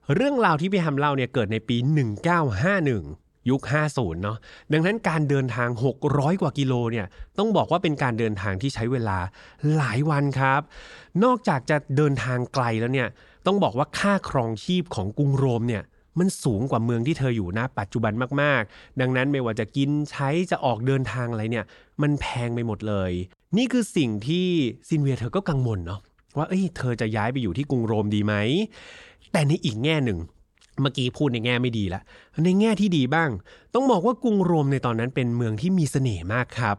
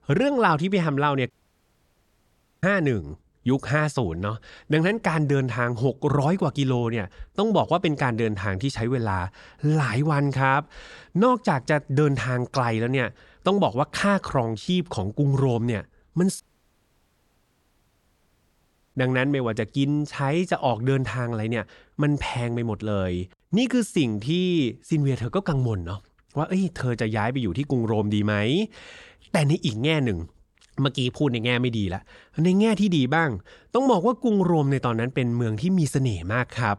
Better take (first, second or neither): first